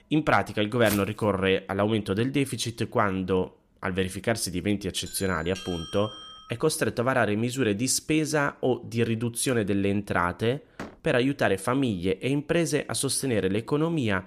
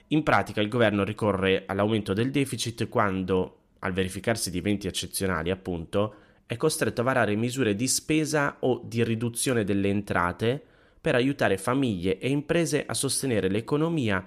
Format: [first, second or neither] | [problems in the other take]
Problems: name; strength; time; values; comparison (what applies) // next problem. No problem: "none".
second | footsteps; noticeable; at 1 s; peak 8 dB below the speech // doorbell; faint; from 5 to 6.5 s; peak 10 dB below the speech // door banging; faint; at 11 s; peak 15 dB below the speech